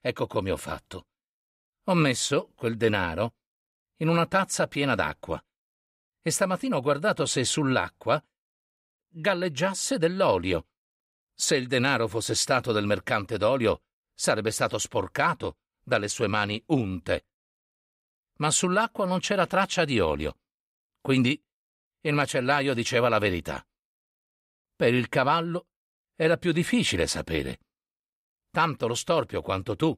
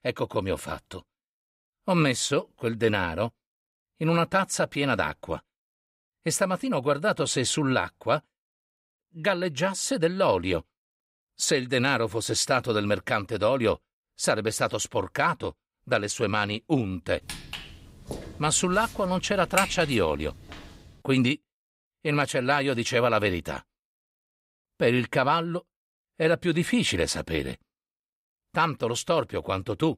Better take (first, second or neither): first